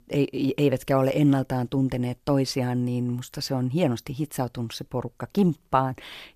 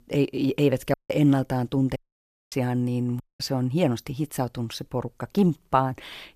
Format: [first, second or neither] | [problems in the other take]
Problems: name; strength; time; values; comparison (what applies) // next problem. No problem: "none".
first | audio cutting out; at 1 s, at 2 s for 0.5 s and at 3 s